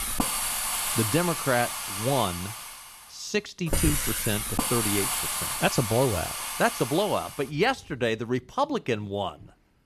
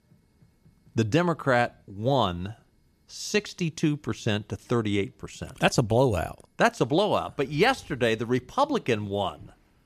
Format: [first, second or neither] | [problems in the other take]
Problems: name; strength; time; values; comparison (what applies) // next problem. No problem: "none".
second | hiss; loud; until 7.5 s; as loud as the speech